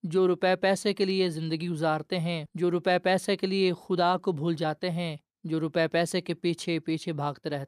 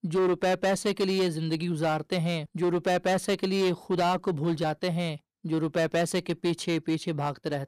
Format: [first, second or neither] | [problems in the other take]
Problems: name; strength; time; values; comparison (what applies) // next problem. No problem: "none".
first | distortion; slight; 11% of the sound clipped